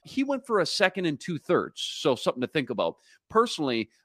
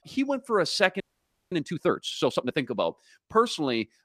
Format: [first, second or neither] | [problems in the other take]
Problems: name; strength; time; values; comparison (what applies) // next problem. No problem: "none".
first | audio freezing; at 1 s for 0.5 s